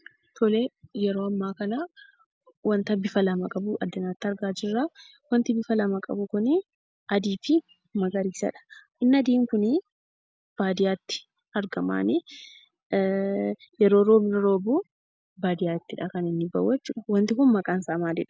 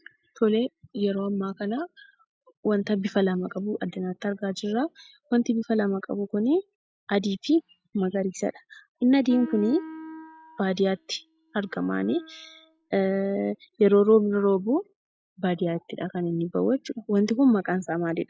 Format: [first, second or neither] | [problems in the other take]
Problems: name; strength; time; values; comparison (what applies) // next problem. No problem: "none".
first | noise reduction (classical method log-MMSE)